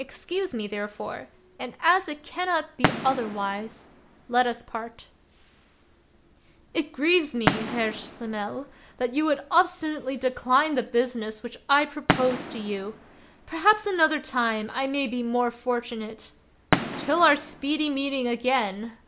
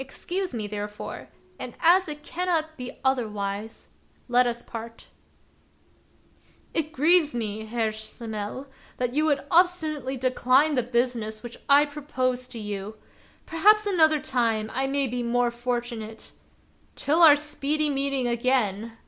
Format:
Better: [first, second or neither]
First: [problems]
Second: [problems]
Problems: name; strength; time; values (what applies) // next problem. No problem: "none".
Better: second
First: background sound (Fireworks); 8 dB below the speech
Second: none